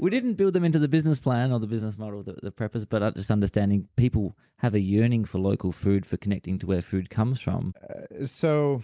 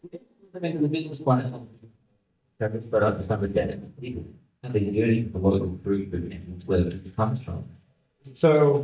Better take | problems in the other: first | noise reduction (neural mask model DeepFilterNet 3)

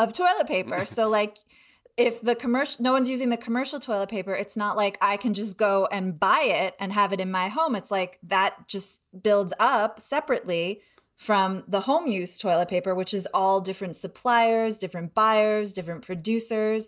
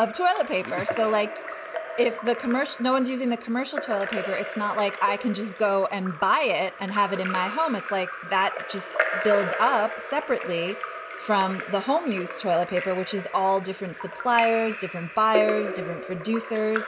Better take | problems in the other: first | background sound (Drip / Trickle, dribble / Splash, splatter); 8 dB below the speech

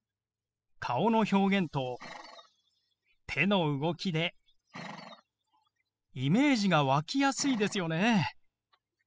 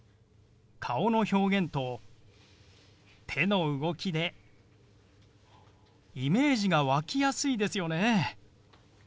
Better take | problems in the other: second | noise reduction (classical method spectral subtraction)

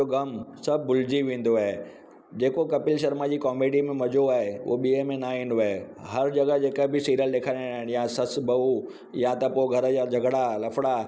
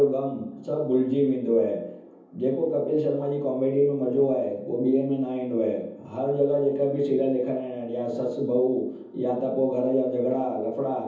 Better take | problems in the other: first | room echo; dies away in 0.7 s

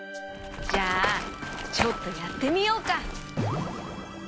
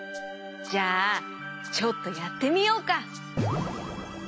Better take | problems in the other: second | background sound (Run); 5 dB below the speech

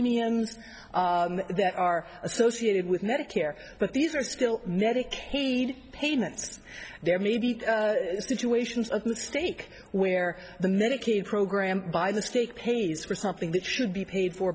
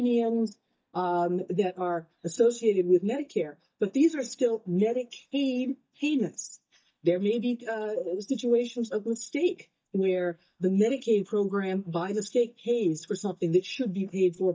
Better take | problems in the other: first | noise reduction (neural mask model DeepFilterNet 3)

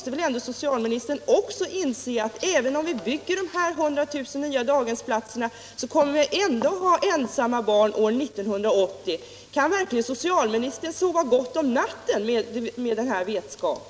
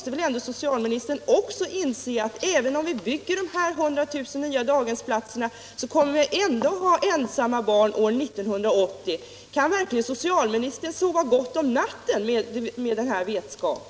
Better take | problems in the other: second | background sound (Piano); 19 dB below the speech

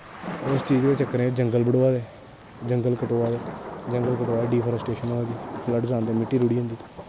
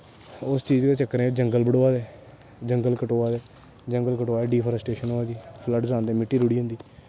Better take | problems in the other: second | background sound (Thunder / Rain); 11 dB below the speech

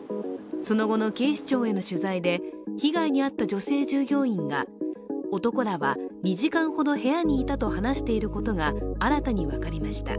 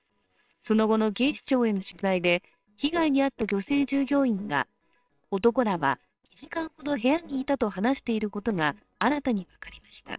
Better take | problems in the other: first | noise reduction (neural separator model SepFormer WHAMR!)

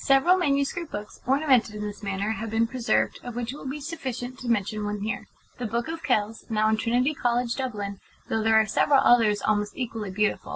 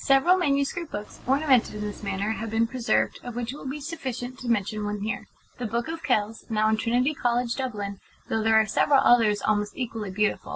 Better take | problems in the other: first | background sound (Engine); 18 dB below the speech

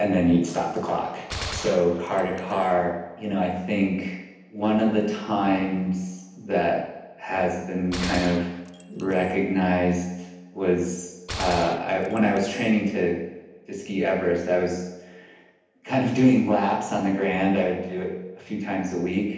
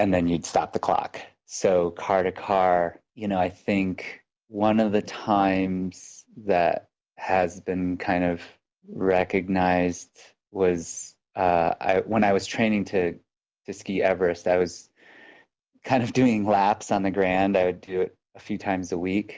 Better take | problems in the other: second | background sound (Gunshot, gunfire); 13 dB below the speech // room echo; dies away in 0.9 s

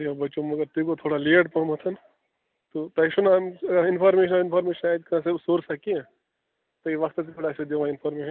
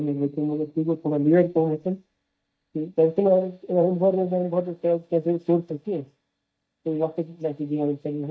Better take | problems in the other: first | noise reduction (neural mask model DeepFilterNet 3)

